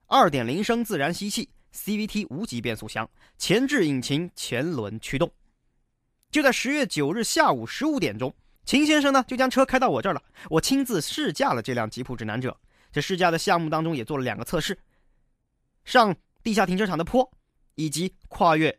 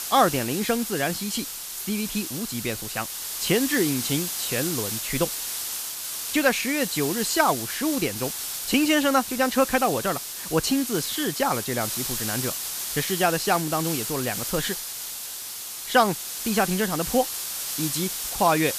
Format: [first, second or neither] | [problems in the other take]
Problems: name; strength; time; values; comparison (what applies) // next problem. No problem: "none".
first | hiss; loud; throughout; 4 dB below the speech